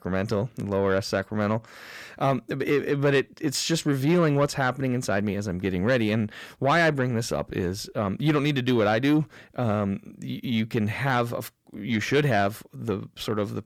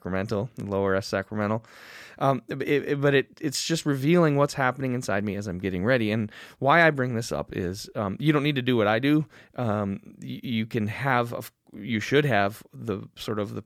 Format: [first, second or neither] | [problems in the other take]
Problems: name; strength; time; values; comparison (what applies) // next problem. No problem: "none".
second | distortion; slight; 10 dB below the speech